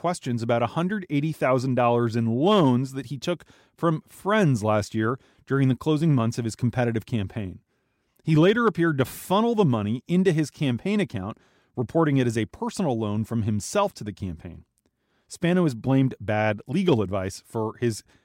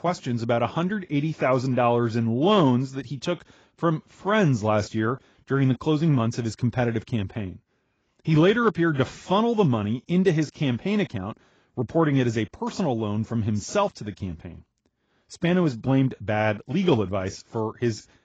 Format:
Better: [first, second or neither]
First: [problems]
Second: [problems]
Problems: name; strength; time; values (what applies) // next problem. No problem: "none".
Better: first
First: none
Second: garbled, watery; badly; nothing above 7.5 kHz